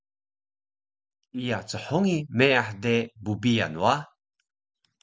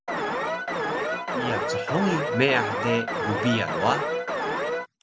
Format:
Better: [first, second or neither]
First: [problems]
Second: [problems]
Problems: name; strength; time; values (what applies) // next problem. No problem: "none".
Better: first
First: none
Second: background sound (Alarm); 1 dB above the speech